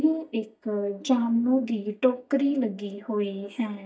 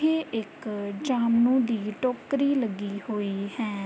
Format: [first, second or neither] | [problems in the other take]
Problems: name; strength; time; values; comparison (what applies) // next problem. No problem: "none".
second | noise reduction (neural mask model DeepFilterNet 3)